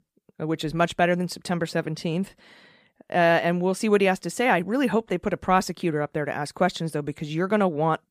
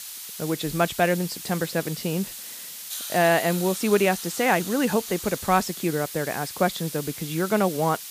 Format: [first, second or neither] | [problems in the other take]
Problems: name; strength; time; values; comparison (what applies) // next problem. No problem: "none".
first | hiss; loud; throughout; 9 dB below the speech